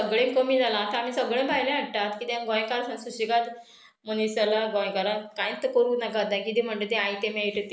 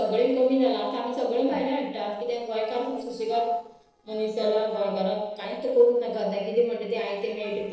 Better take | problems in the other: first | noise reduction (neural separator model SepFormer DNS4)

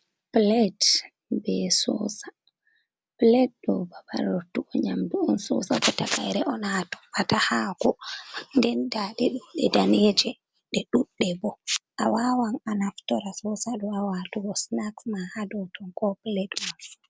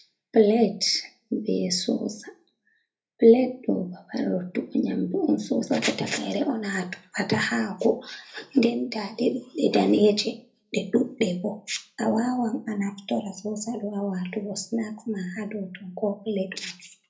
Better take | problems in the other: first | room echo; dies away in 0.3 s

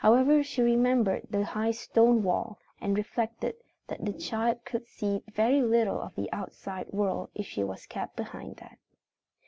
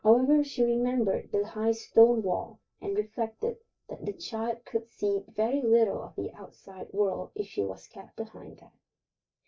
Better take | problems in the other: first | noise reduction (neural mask model DeepFilterNet 3)

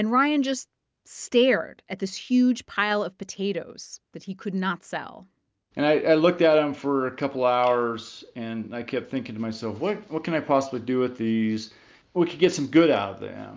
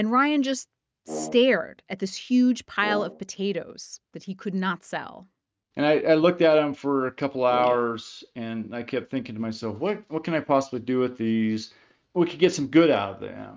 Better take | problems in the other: first | noise reduction (neural mask model RNNoise)

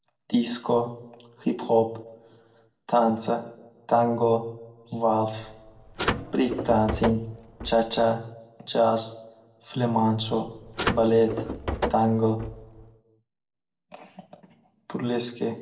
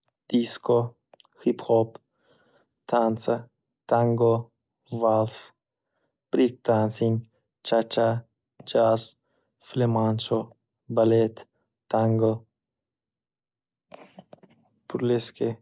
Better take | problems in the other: second | background sound (Car); 6 dB below the speech // room echo; dies away in 0.5 s

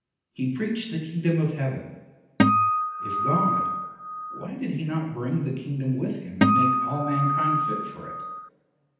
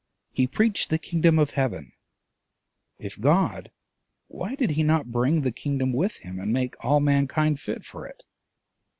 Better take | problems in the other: second | background sound (Acoustic guitar); 5 dB above the speech // room echo; dies away in 0.9 s

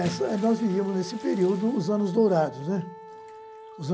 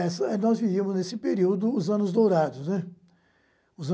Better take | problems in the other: second | background sound (Wind instrument, woodwind instrument + Bathtub (filling or washing) / Splash, splatter); 15 dB below the speech

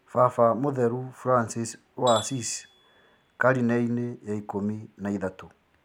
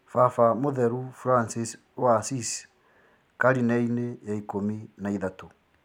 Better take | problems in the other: second | background sound (Tools); 18 dB below the speech

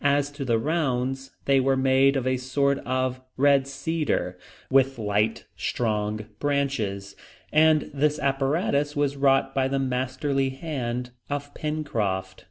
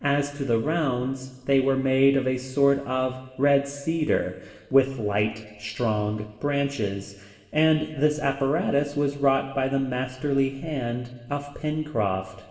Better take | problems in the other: first | room echo; dies away in 1.1 s

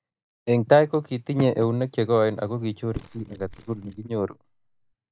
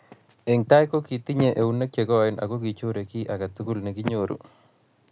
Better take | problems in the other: second | noise reduction (neural mask model DeepFilterNet 3)

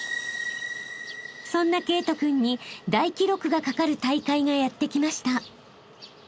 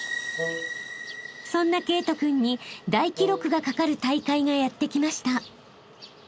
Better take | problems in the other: first | background sound (Wind instrument, woodwind instrument); 10 dB below the speech

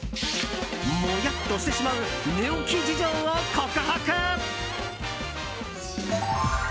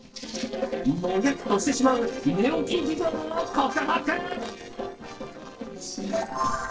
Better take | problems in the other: first | noise reduction (neural separator model SepFormer DNS4)

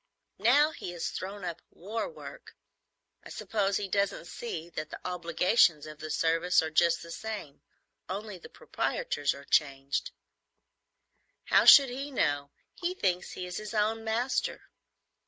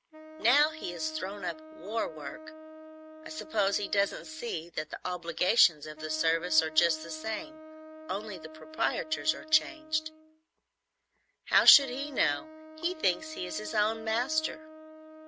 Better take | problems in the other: first | background sound (Wind instrument, woodwind instrument); 15 dB below the speech

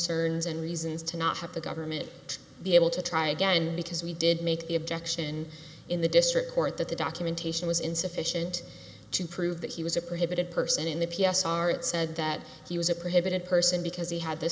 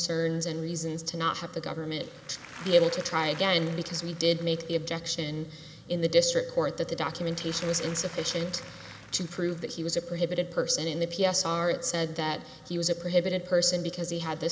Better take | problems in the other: first | background sound (Applause / Crowd); 18 dB below the speech

